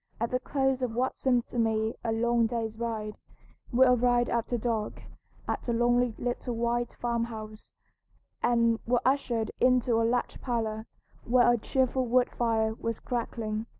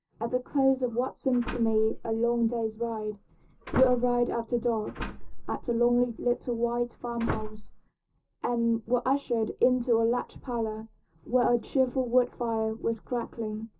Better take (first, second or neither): first